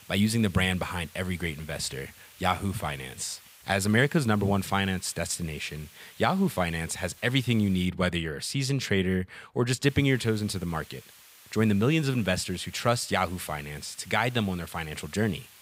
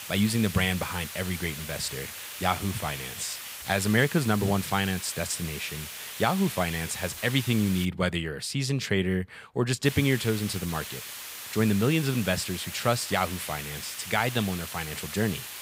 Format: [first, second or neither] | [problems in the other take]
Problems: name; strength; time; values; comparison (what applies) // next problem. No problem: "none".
first | hiss; loud; until 8 s and from 10 s on; 9 dB below the speech; faint in the first